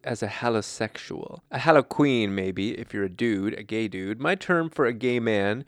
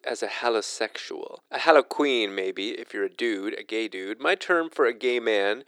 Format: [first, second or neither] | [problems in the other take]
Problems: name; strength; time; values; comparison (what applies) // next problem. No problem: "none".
first | thin; somewhat; fading below 350 Hz